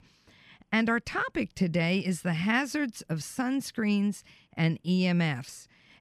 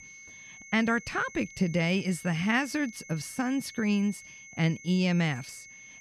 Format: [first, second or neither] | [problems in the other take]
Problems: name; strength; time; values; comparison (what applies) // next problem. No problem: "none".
first | high-pitched whine; noticeable; throughout; 2 kHz, 20 dB below the speech